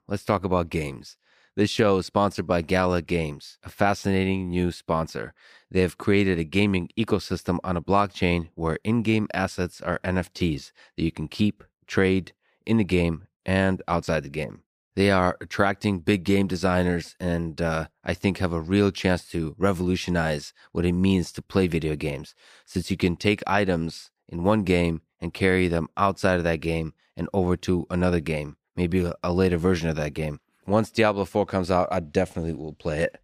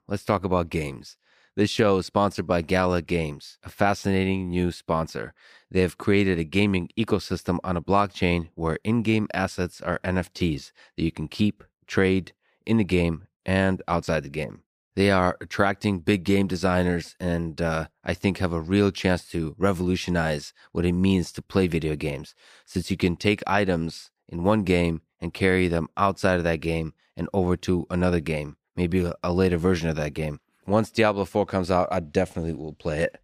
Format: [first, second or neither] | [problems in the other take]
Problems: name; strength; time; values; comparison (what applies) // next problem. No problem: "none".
neither | none